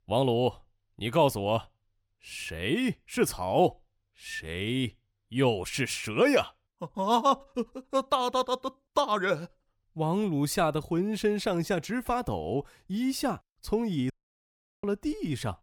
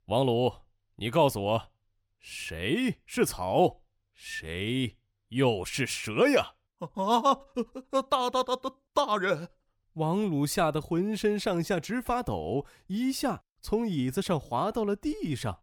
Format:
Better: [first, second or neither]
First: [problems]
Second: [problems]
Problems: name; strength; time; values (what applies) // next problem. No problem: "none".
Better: second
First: audio cutting out; at 14 s for 0.5 s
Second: none